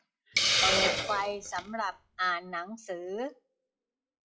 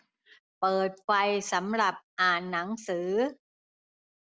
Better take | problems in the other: second | noise reduction (classical method WPE with log-MMSE)

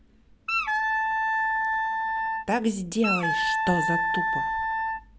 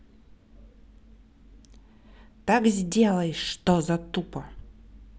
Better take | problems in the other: second | background sound (Wind instrument, woodwind instrument); 5 dB above the speech

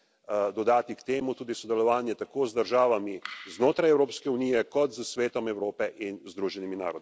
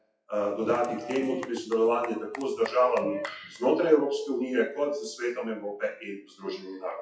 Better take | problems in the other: first | noise reduction (classical method WPE with log-MMSE)

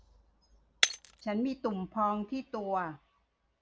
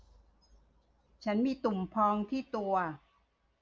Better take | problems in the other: second | background sound (Shatter); 3 dB below the speech

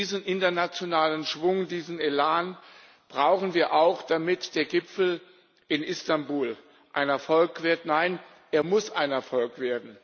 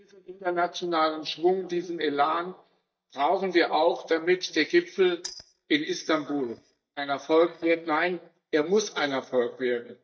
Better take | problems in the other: first | noise reduction (neural mask model DeepFilterNet 3)

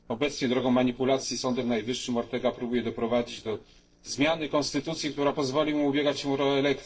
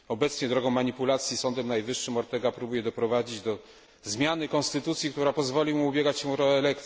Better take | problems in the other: second | noise reduction (neural separator model SepFormer DNS4)

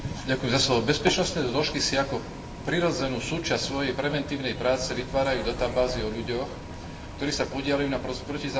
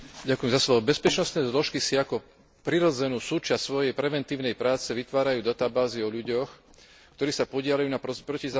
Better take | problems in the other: second | background sound (Bus); 10 dB below the speech // room echo; dies away in 2.6 s

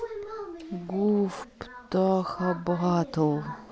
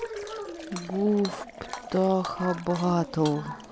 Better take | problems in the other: first | background sound (Shatter / Hammer + Liquid); 15 dB below the speech

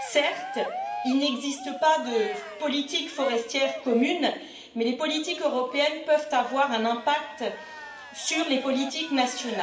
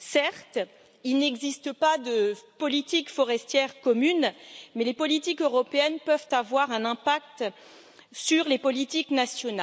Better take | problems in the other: second | background sound (Cheering); 13 dB below the speech // room echo; dies away in 0.8 s

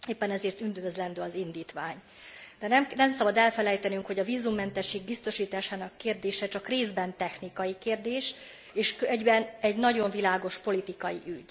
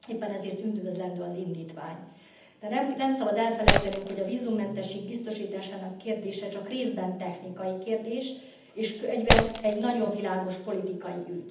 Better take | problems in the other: first | background sound (Shatter); 3 dB above the speech // room echo; dies away in 0.8 s

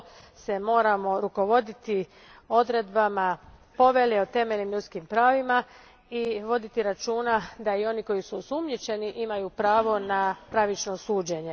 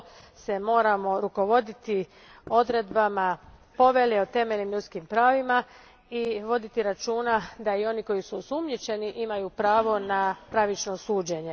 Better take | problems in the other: first | background sound (Knock); 18 dB below the speech

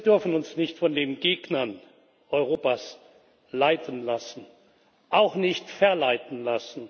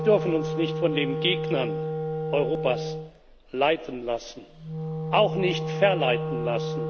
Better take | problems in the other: first | background sound (Wind instrument, woodwind instrument); 4 dB below the speech

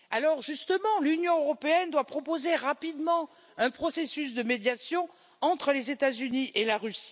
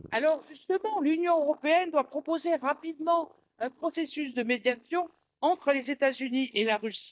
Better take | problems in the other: first | noise reduction (neural mask model DeepFilterNet 3)

